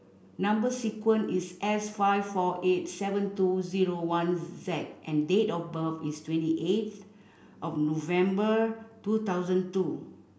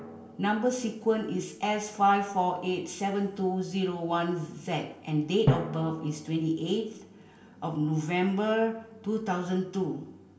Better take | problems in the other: first | background sound (Drum); 11 dB below the speech // room echo; dies away in 0.7 s

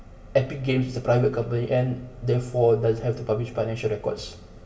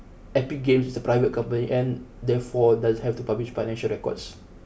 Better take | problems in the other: second | room echo; dies away in 1.6 s

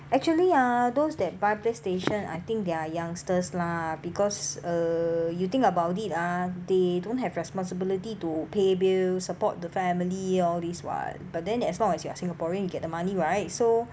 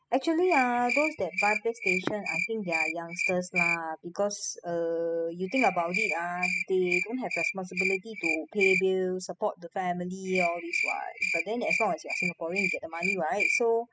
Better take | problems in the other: first | noise reduction (classical method spectral subtraction)

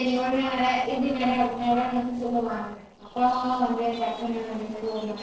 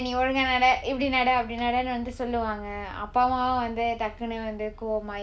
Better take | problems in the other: second | noise reduction (neural separator model SepFormer DNS4)

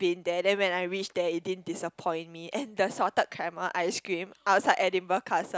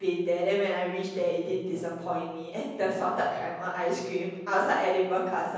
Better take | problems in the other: first | room echo; dies away in 1.1 s

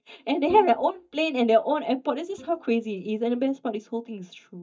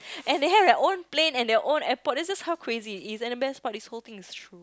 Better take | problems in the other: second | noise reduction (neural mask model DeepFilterNet 3)

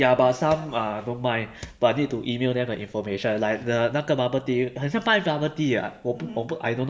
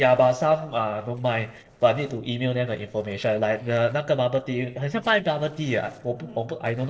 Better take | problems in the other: first | noise reduction (neural separator model SepFormer DNS4)

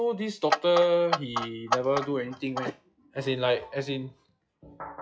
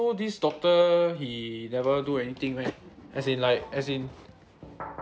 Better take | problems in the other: second | noise reduction (classical method log-MMSE)

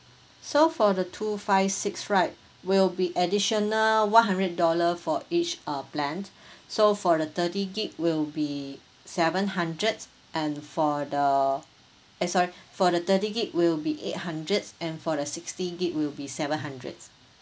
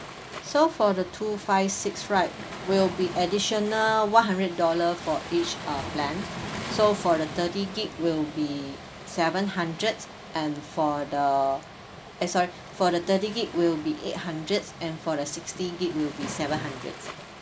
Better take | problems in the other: first | background sound (Waves, surf); 12 dB below the speech

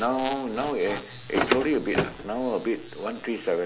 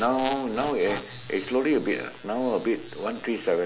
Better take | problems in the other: second | background sound (Car); as loud as the speech

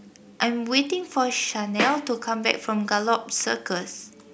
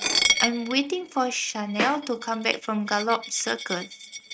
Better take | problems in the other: first | noise reduction (neural mask model RNNoise)

